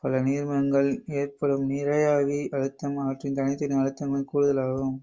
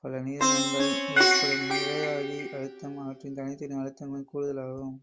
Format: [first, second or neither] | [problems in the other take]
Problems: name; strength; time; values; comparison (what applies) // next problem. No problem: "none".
first | background sound (Plucked string instrument); 5 dB above the speech